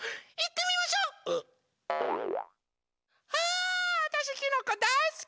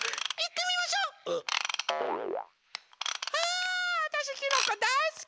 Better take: first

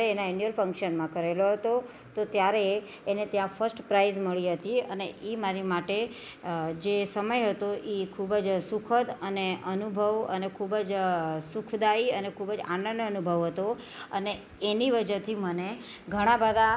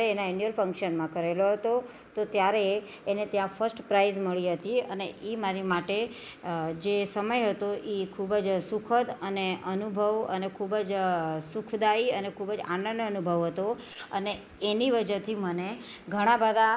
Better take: first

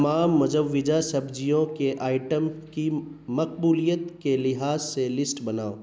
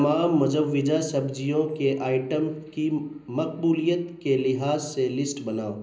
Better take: first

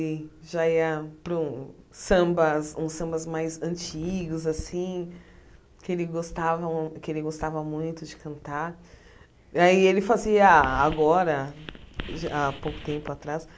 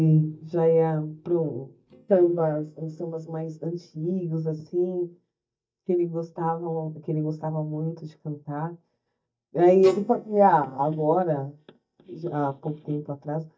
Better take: first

